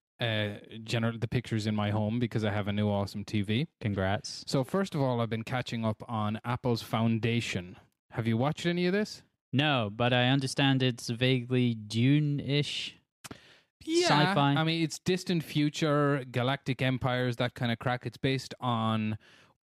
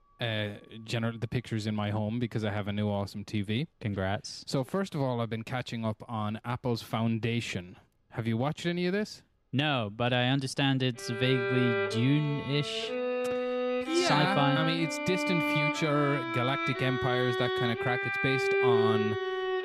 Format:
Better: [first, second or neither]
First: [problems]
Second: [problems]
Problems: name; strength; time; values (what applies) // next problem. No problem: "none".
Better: first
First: none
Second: background music; very loud; throughout; as loud as the speech